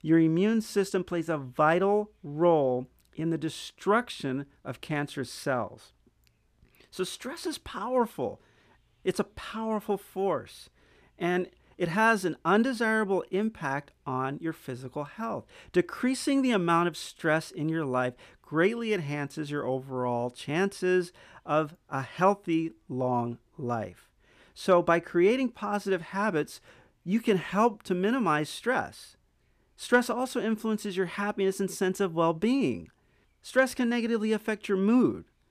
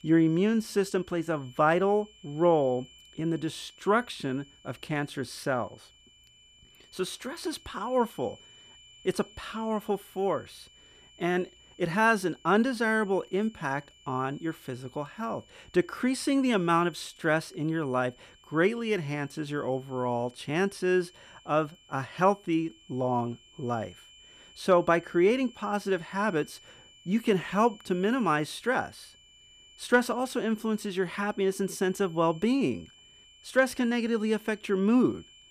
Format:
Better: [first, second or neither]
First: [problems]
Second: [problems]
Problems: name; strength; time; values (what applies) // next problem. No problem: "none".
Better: first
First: none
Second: high-pitched whine; faint; throughout; 3 kHz, 25 dB below the speech